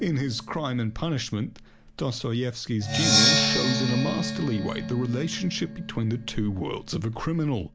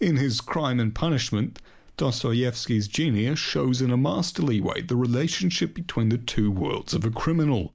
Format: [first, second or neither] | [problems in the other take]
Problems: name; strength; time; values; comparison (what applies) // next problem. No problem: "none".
second | background sound (Percussion); 2 dB below the speech